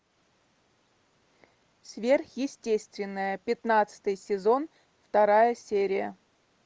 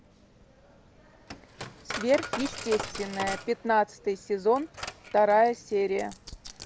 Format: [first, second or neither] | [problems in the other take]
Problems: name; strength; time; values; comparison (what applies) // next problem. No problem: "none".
first | background sound (Coin (dropping)); 12 dB below the speech